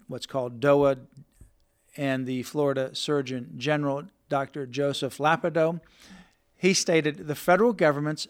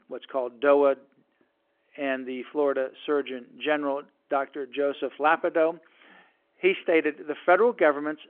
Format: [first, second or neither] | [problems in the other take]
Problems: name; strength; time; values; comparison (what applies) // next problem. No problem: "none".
first | phone-call audio